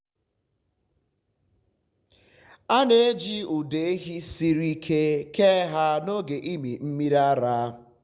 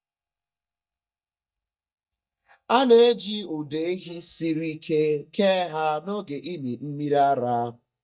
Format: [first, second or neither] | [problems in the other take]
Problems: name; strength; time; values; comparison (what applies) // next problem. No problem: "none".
first | noise reduction (neural mask model DeepFilterNet 3)